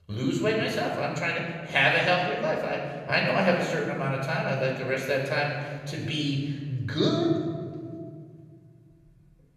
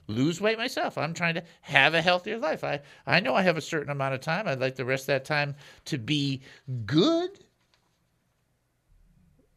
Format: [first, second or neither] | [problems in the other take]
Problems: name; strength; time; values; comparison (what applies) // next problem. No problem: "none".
second | off-mic speech; somewhat distant // room echo; noticeable; dies away in 1.9 s